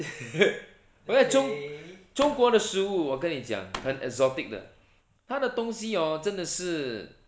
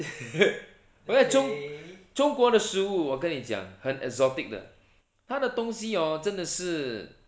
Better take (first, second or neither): second